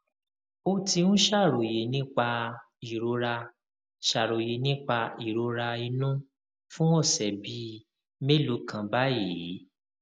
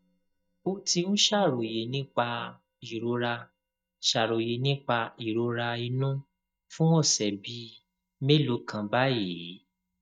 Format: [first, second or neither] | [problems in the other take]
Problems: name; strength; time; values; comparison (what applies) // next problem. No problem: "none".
first | noise reduction (neural mask model DeepFilterNet 3)